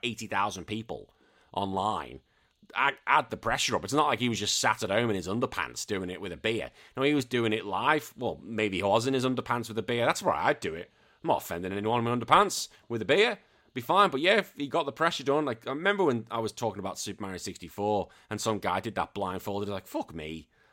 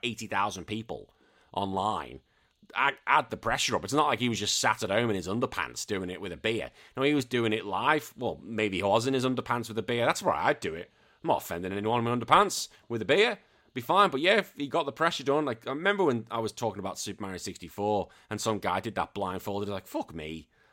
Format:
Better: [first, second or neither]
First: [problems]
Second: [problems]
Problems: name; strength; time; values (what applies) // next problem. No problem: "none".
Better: neither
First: none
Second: none